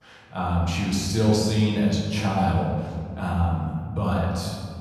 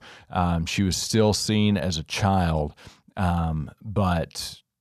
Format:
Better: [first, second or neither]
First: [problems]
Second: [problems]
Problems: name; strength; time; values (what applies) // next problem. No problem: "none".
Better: second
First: room echo; noticeable; dies away in 1.8 s // off-mic speech; far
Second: none